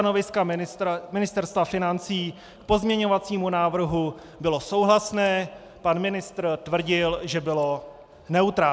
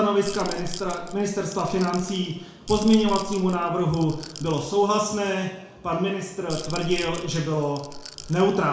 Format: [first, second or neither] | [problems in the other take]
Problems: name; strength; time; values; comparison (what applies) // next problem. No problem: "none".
first | background sound (Rattle / Rattle (instrument)); 12 dB below the speech // room echo; dies away in 0.6 s